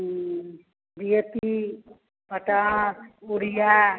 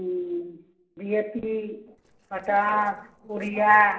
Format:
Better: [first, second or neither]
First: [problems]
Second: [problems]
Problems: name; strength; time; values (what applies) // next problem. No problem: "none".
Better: first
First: none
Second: noise reduction (neural separator model SepFormer DNS4)